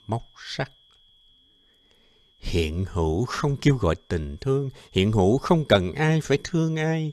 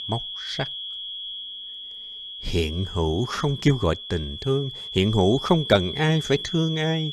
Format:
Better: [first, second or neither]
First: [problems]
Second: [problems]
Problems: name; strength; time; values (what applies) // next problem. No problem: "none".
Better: first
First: high-pitched whine; faint; throughout; 3.5 kHz, 35 dB below the speech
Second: high-pitched whine; loud; throughout; 3.5 kHz, 8 dB below the speech